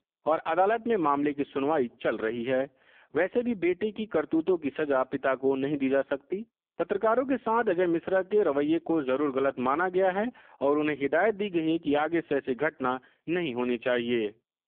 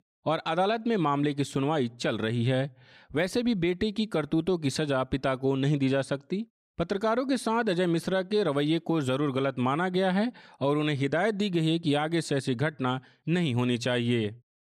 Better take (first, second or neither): second